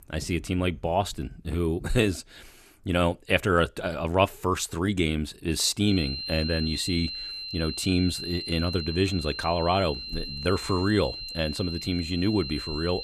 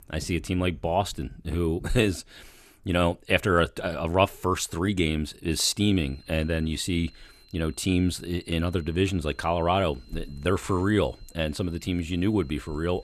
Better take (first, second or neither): second